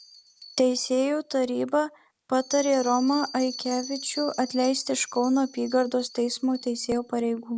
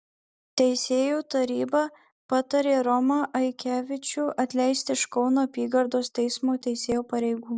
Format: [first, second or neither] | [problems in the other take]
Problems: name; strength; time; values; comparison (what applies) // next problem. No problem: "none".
second | background sound (Bell); 16 dB below the speech